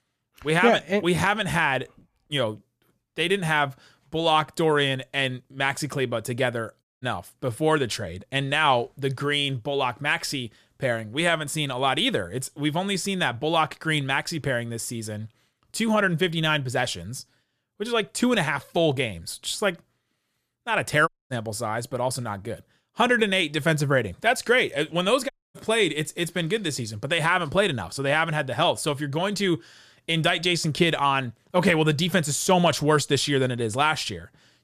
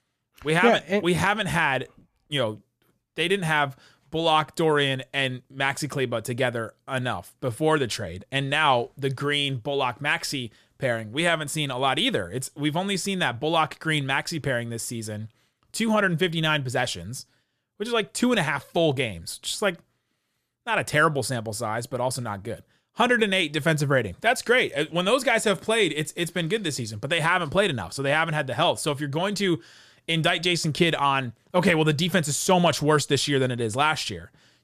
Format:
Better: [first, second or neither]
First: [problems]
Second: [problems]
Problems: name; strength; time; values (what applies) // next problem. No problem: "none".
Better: second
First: audio cutting out; at 7 s, at 21 s and at 25 s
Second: none